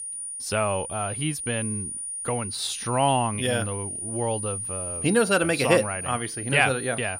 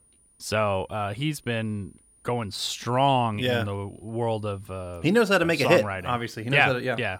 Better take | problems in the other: second | high-pitched whine; loud; throughout; 9.5 kHz, 6 dB below the speech; faint in the second

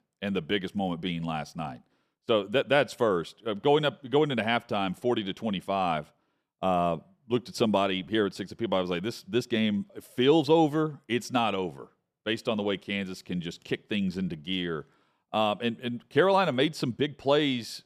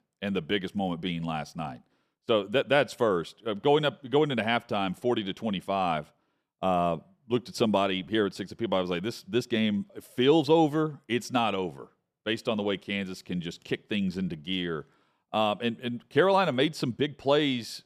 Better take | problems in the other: neither | none

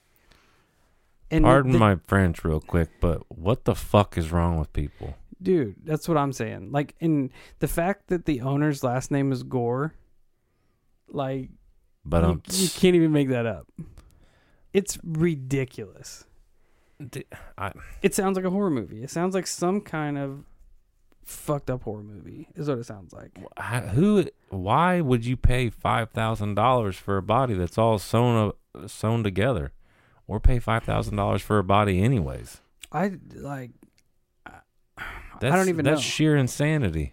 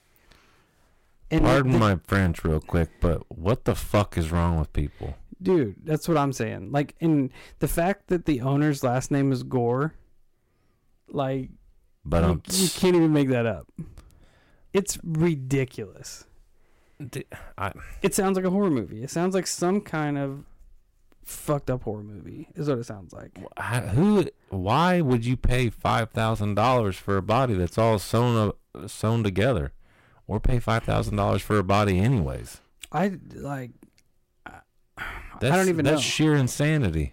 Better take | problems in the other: first | distortion; slight; 4% of the sound clipped

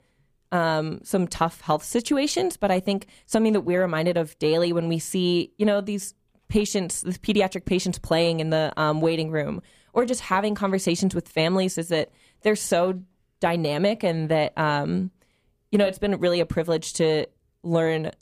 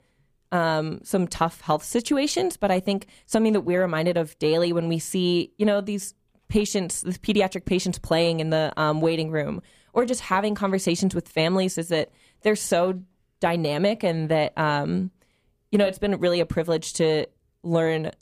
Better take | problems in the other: neither | none

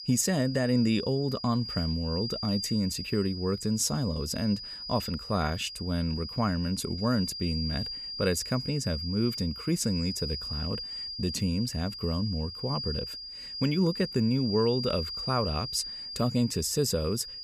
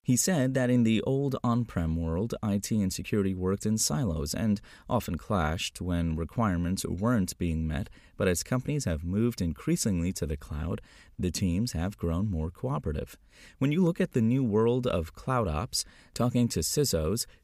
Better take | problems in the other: second | high-pitched whine; loud; throughout; 5 kHz, 6 dB below the speech

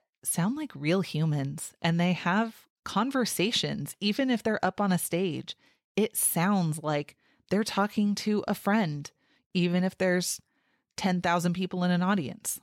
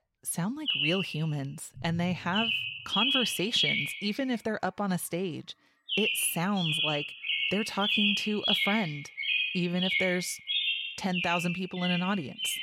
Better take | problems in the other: first | animal sounds; very loud; throughout; 3 dB above the speech

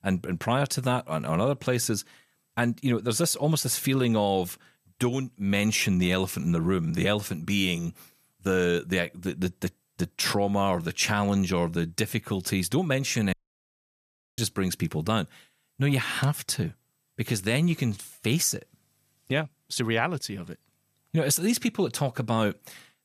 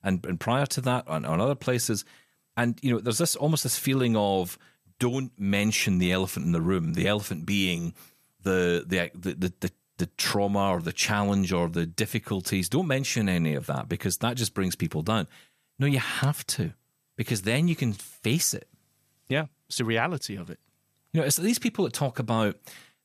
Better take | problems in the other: second | audio cutting out; at 13 s for 1 s

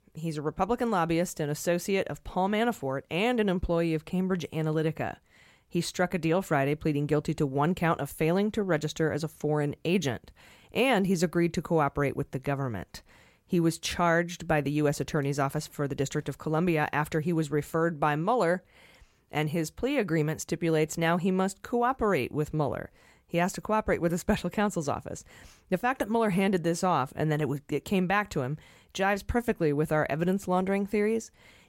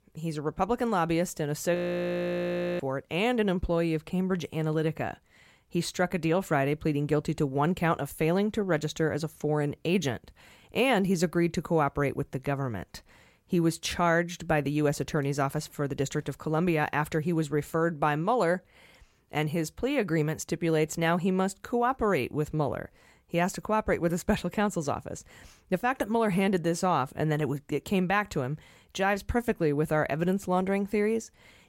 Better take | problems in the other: first | audio freezing; at 2 s for 1 s

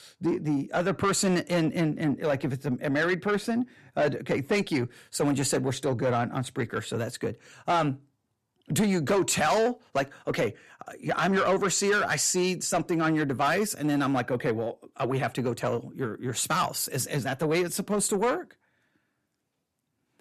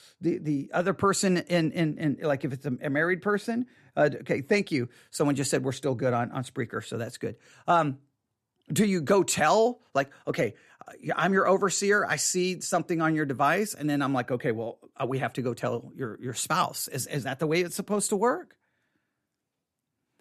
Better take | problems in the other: second | distortion; slight; 10 dB below the speech

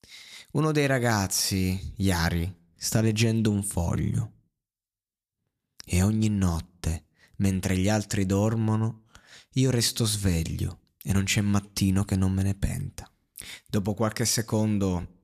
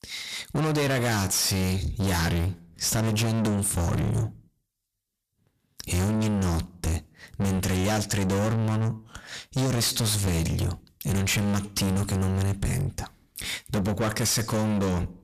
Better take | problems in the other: first | distortion; heavy; 5 dB below the speech

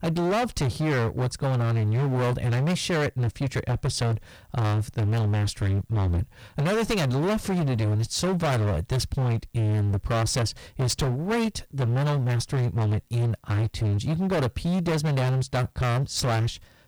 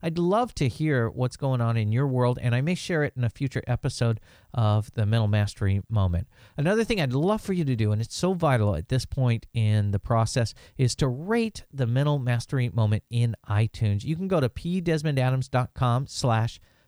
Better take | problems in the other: second | distortion; heavy; 38% of the sound clipped

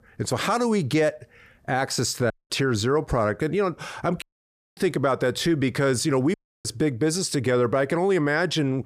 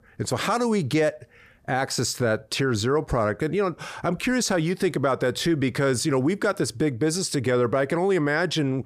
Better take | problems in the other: second | audio cutting out; at 2.5 s, at 4 s for 0.5 s and at 6.5 s

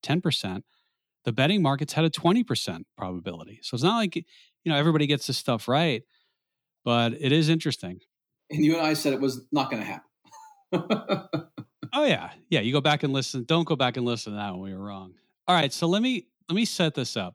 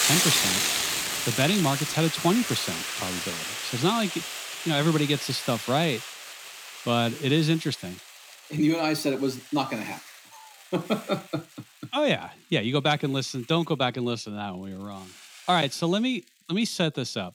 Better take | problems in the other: first | hiss; loud; throughout; 2 dB below the speech

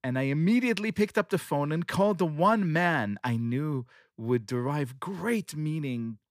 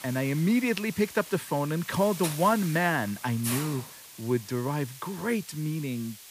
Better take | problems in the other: first | hiss; noticeable; throughout; 10 dB below the speech

